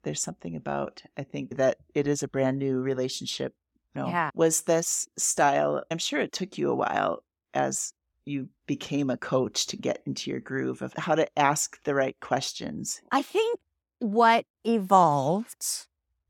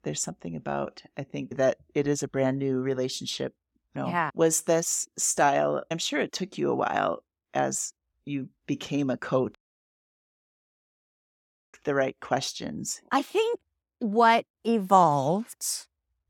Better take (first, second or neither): first